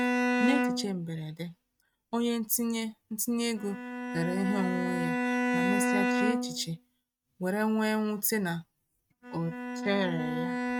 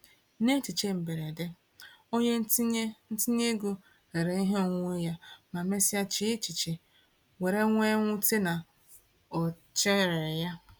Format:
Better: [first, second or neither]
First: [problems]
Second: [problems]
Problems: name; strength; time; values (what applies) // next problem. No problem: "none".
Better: second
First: noise reduction (neural mask model RNNoise)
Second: none